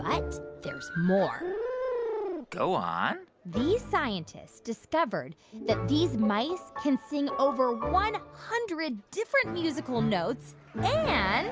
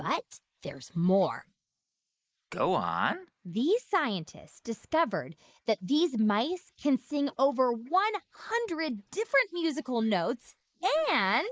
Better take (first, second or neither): first